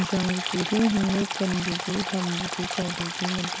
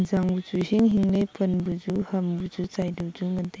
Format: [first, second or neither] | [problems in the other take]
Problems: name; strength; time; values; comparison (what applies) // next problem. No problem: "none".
second | background sound (Stream); 5 dB below the speech